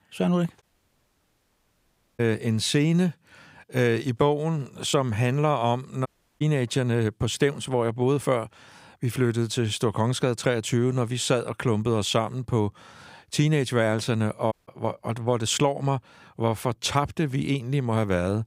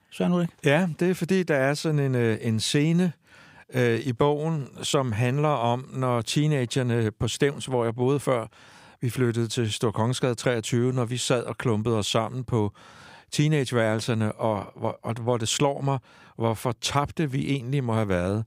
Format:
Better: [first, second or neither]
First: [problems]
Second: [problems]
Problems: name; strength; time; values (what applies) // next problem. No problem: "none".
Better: second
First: audio cutting out; at 0.5 s for 1.5 s, at 6 s and at 15 s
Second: none